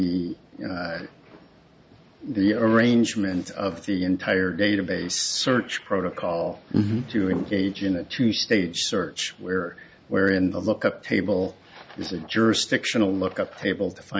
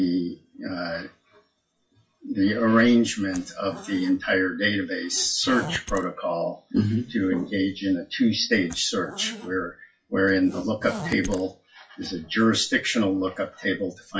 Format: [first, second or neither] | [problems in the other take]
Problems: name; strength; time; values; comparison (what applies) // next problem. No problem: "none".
first | noise reduction (classical method WPE with log-MMSE)